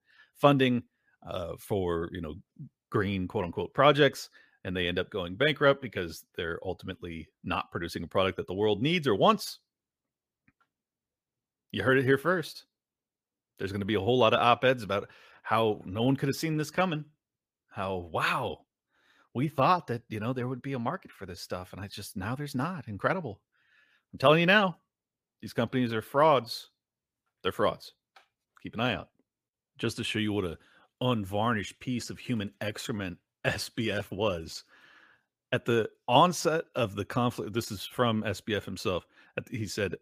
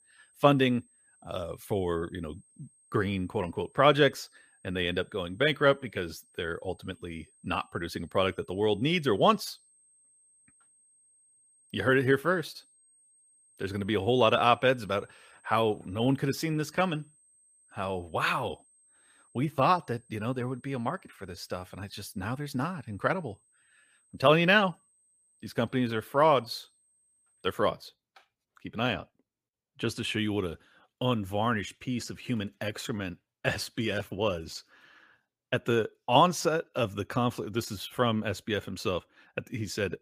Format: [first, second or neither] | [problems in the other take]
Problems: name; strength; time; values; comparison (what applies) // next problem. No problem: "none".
first | high-pitched whine; faint; until 28 s; 8.5 kHz, 35 dB below the speech